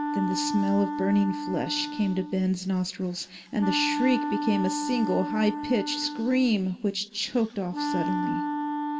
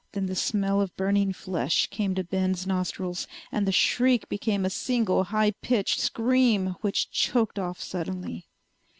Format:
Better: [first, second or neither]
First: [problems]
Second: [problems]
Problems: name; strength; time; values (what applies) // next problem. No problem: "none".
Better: second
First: background sound (Wind instrument, woodwind instrument); 4 dB below the speech // room echo; dies away in 1.3 s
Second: none